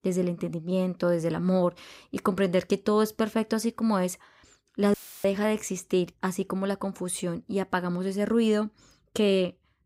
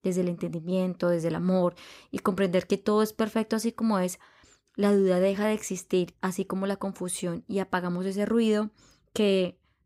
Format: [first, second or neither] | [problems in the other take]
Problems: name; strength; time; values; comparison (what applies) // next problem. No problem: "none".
second | audio cutting out; filled with static; at 5 s